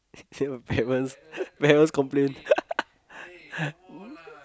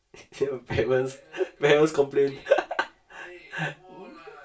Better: first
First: none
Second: room echo; dies away in 0.2 s

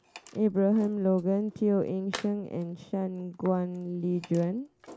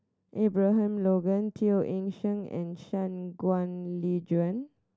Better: second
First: background sound (Tools); 20 dB below the speech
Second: none

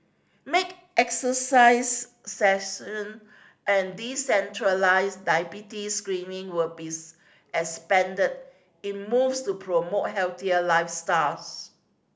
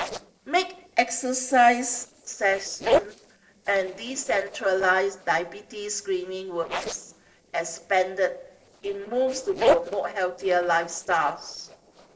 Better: first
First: none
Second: noise reduction (neural separator model SepFormer DNS4)

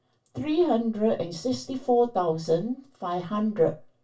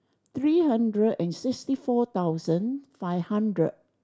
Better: second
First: room echo; dies away in 0.2 s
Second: none

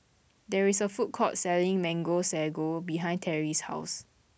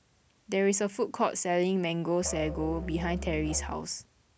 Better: first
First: none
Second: background sound (Musical instrument); 8 dB below the speech

